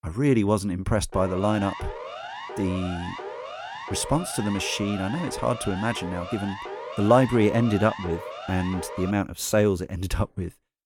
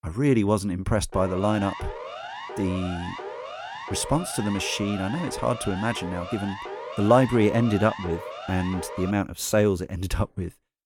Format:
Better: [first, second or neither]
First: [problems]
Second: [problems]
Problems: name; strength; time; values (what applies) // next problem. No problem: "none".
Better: neither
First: siren; noticeable; from 1 to 9 s; peak 10 dB below the speech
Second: siren; noticeable; from 1 to 9 s; peak 10 dB below the speech